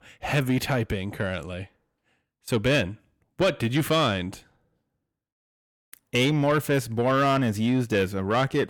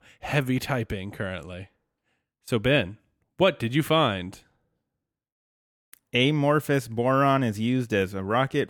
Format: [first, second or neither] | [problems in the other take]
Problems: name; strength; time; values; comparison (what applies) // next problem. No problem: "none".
second | distortion; slight; 10 dB below the speech